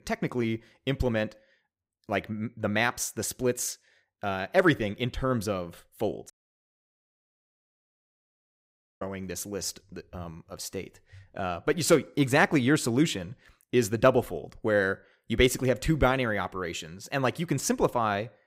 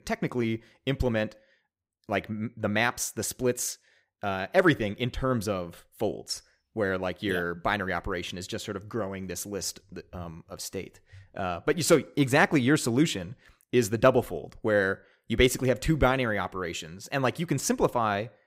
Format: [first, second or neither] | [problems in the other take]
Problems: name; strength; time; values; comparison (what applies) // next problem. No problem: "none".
second | audio cutting out; at 6.5 s for 2.5 s